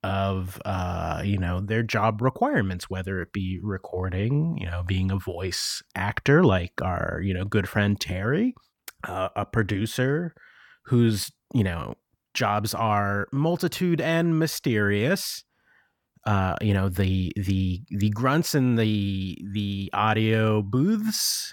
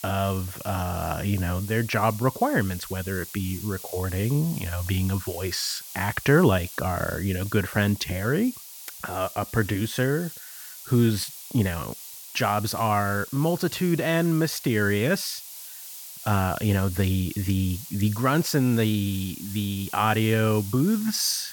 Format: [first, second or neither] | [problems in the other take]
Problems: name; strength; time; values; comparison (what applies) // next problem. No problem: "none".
first | hiss; noticeable; throughout; 15 dB below the speech